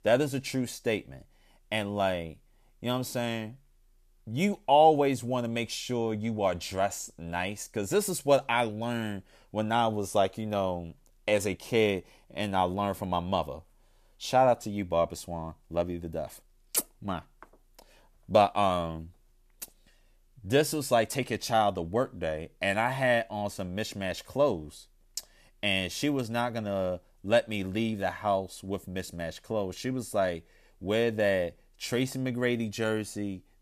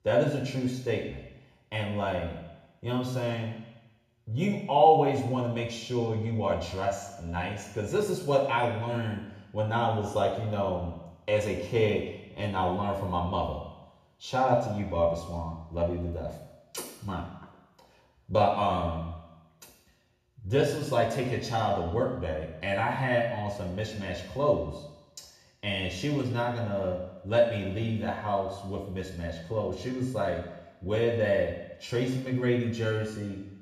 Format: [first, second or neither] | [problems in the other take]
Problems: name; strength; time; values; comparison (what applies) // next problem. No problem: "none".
first | room echo; noticeable; dies away in 1 s // off-mic speech; far